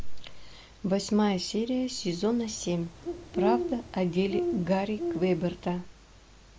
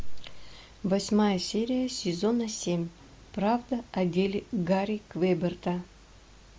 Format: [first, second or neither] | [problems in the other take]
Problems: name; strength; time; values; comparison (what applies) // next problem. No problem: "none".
second | background sound (Bird); 5 dB below the speech